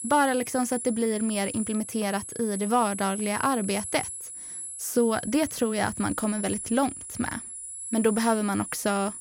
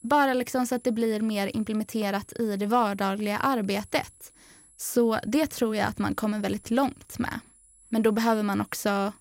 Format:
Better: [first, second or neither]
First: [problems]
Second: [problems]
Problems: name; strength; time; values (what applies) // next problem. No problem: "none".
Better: second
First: high-pitched whine; loud; throughout; 10.5 kHz, 8 dB below the speech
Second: high-pitched whine; faint; throughout; 10.5 kHz, 25 dB below the speech